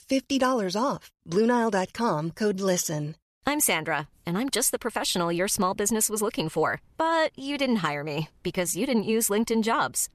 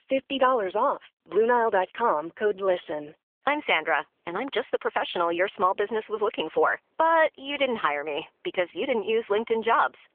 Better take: first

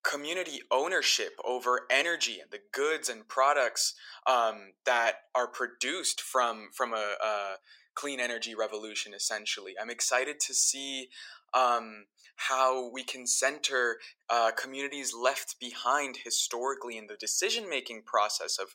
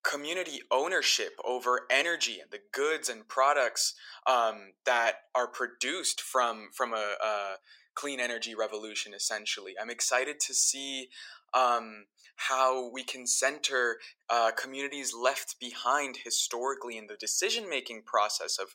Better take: neither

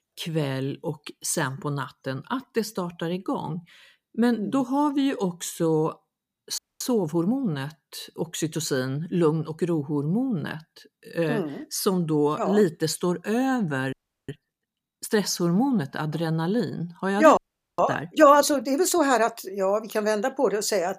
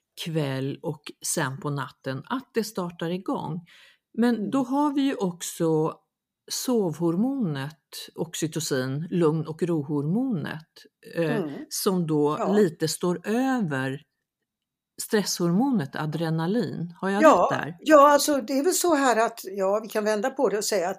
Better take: second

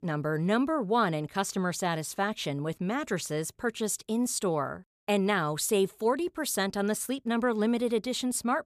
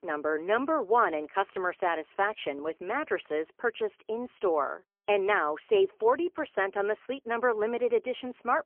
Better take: first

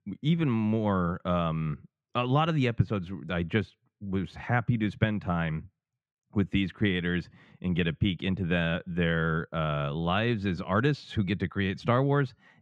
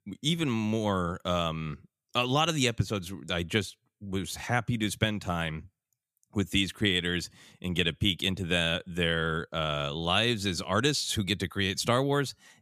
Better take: second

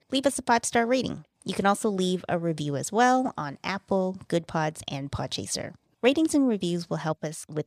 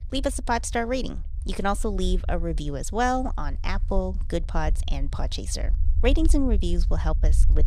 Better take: first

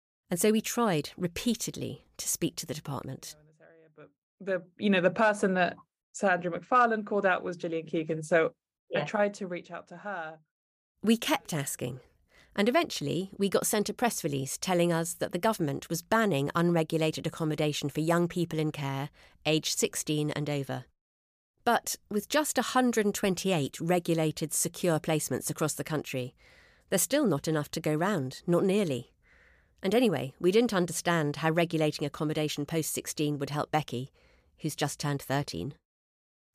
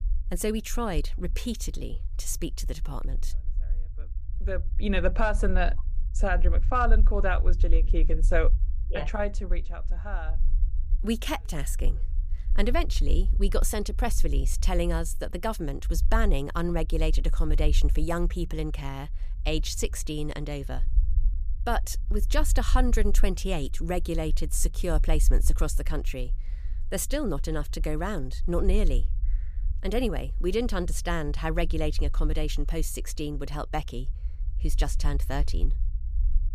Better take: first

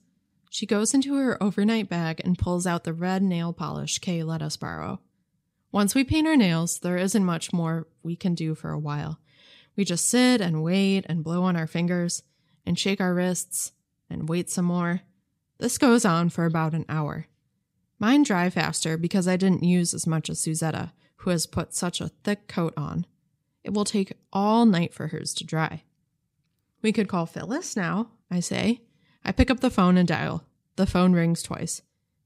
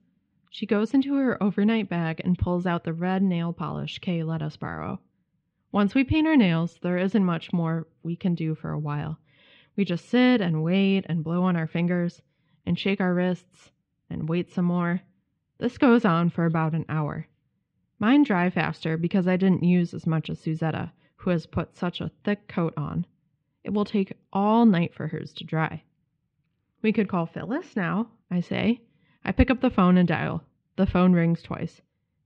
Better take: first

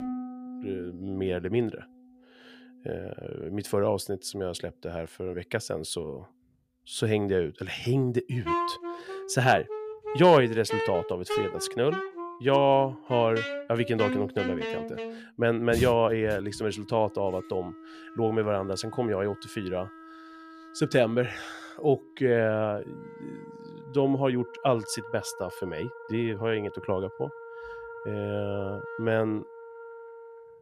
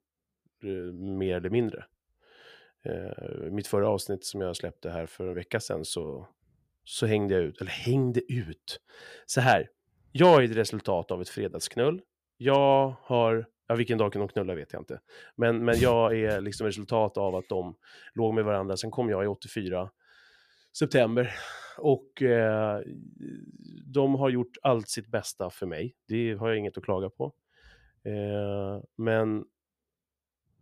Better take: second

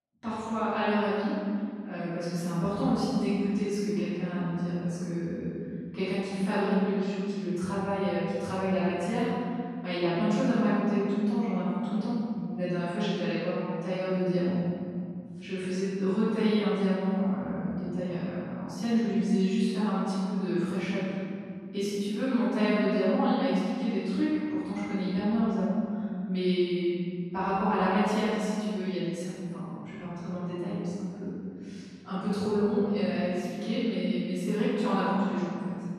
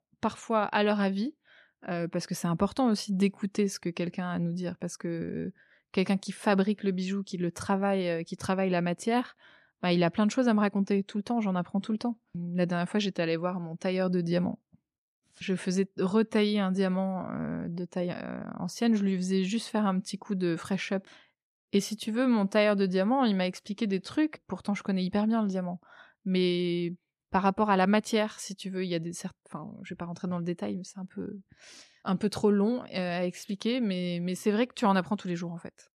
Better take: second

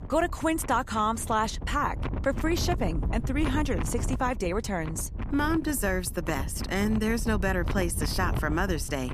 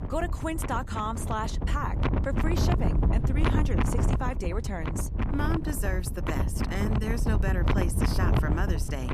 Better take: first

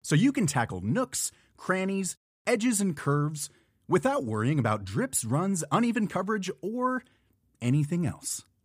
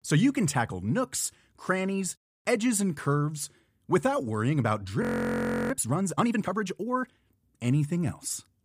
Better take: first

